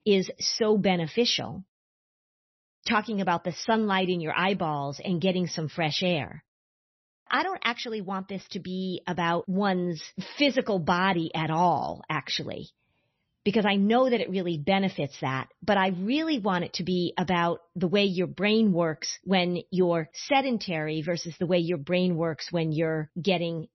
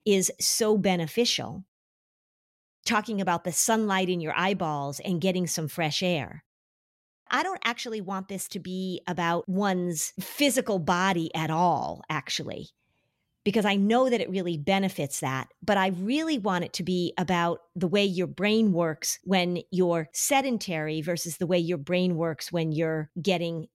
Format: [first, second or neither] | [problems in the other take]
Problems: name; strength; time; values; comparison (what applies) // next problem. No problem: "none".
second | garbled, watery; slightly; nothing above 6 kHz